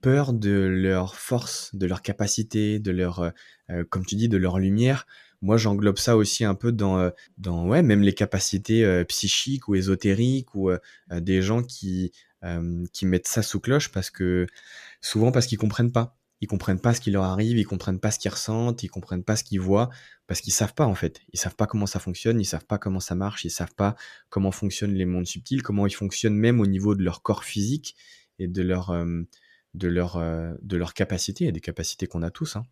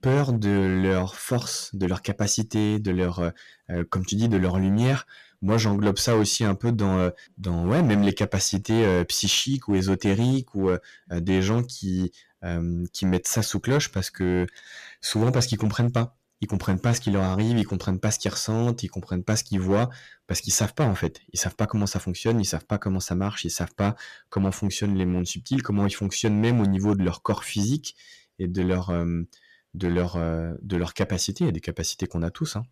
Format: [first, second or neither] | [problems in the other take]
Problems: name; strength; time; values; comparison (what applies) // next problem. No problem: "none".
first | distortion; slight; 6% of the sound clipped